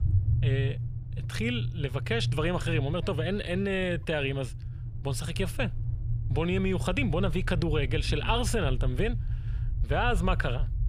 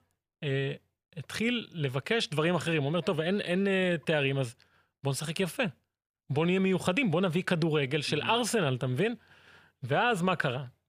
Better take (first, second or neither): second